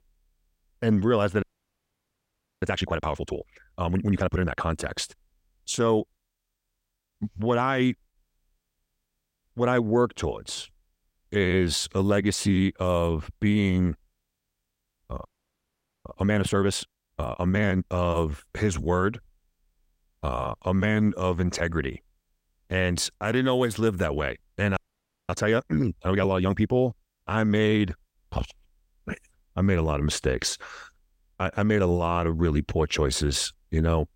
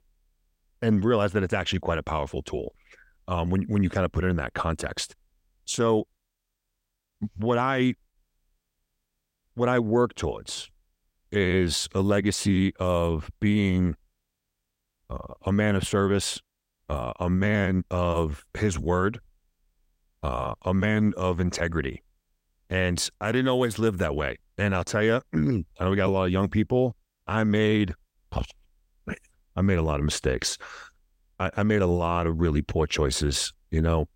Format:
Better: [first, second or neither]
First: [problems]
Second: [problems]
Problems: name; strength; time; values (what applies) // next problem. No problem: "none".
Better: second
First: audio freezing; at 1.5 s for 1 s, at 15 s for 1 s and at 25 s for 0.5 s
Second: none